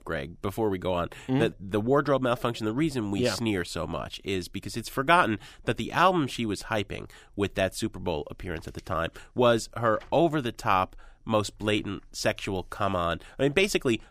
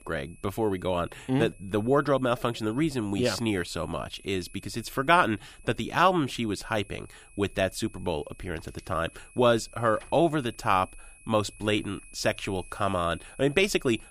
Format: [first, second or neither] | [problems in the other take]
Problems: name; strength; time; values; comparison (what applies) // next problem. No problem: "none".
first | high-pitched whine; faint; throughout; 2.5 kHz, 25 dB below the speech